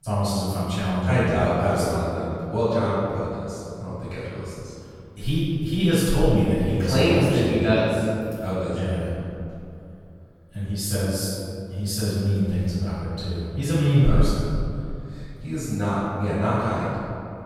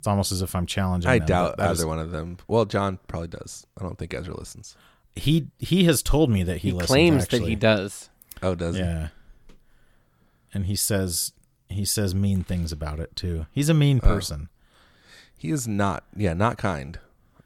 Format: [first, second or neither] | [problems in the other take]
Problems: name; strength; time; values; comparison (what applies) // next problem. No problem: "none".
second | off-mic speech; far // room echo; strong; dies away in 2.4 s